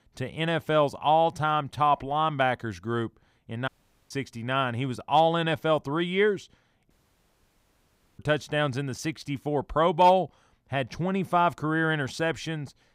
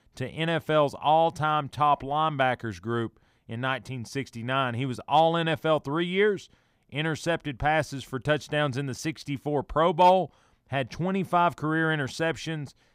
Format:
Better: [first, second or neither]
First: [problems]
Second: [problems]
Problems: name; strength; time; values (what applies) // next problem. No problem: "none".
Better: second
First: audio cutting out; at 3.5 s and at 7 s for 1.5 s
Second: none